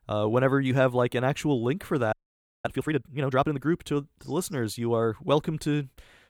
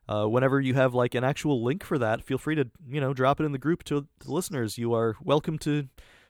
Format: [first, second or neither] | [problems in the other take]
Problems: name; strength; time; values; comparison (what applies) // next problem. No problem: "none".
second | audio freezing; at 2 s for 0.5 s